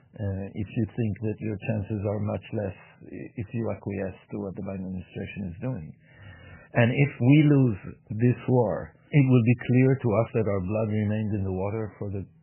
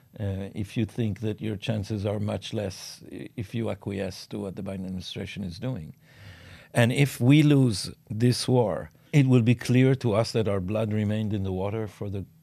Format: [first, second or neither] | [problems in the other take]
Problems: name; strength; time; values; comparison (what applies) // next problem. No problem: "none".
second | garbled, watery; badly; nothing above 3 kHz